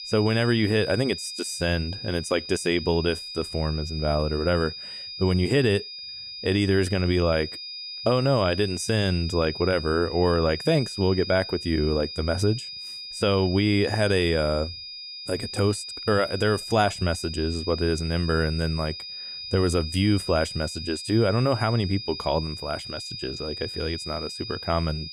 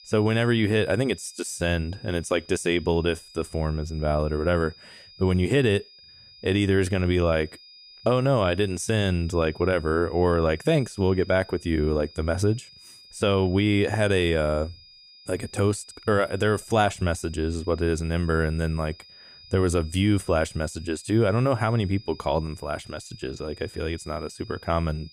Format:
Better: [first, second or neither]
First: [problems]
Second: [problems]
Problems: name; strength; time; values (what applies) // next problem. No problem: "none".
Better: second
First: high-pitched whine; loud; throughout; 5 kHz, 9 dB below the speech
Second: high-pitched whine; faint; throughout; 5 kHz, 20 dB below the speech